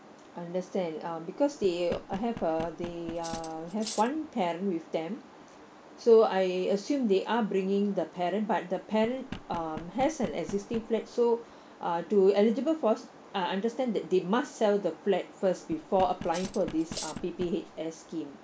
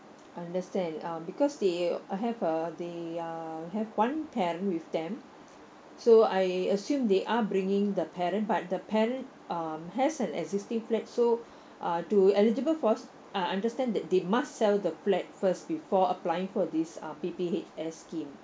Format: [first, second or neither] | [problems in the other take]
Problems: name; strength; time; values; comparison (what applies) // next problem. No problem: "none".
second | background sound (Knock + Cutlery, silverware); 14 dB below the speech